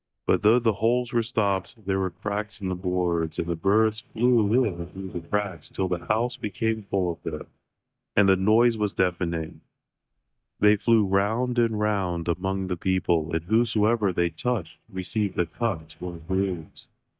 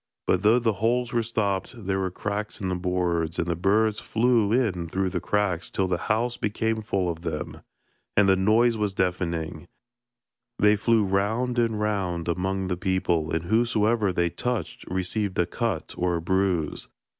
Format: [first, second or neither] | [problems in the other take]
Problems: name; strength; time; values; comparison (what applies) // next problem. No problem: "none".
second | noise reduction (neural mask model DeepFilterNet 3)